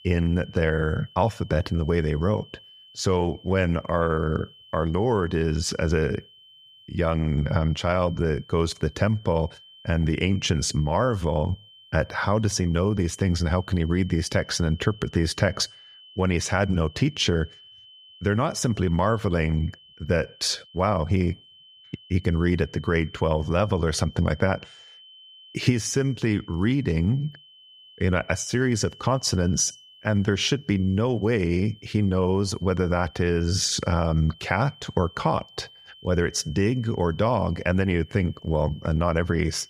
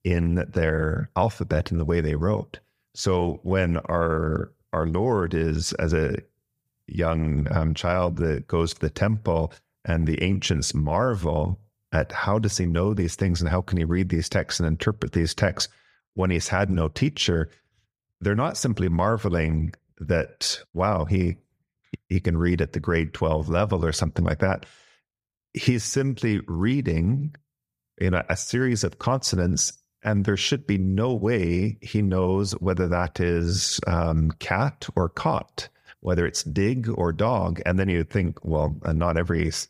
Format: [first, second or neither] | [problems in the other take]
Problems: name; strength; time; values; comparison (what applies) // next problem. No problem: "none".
second | high-pitched whine; faint; throughout; 3 kHz, 25 dB below the speech